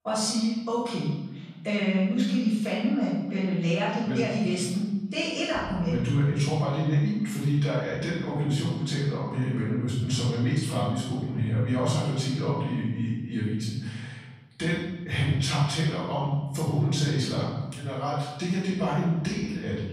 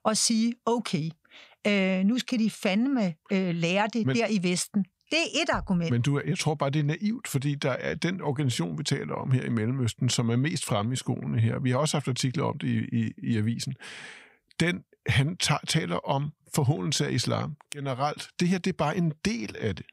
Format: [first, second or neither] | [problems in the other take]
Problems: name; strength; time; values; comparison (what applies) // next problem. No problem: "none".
second | off-mic speech; far // room echo; noticeable; dies away in 1.2 s